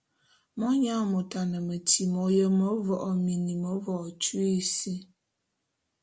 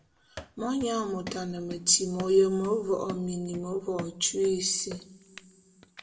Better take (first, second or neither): first